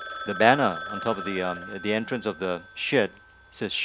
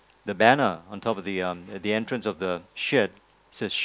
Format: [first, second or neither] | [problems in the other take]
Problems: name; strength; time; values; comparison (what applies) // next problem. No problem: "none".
second | background sound (Telephone); 12 dB below the speech